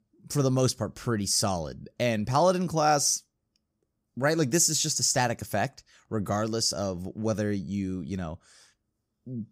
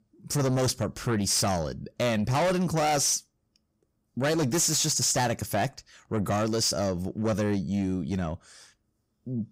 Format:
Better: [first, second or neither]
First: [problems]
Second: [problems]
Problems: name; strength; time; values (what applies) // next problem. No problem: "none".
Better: first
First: none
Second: distortion; heavy; 8 dB below the speech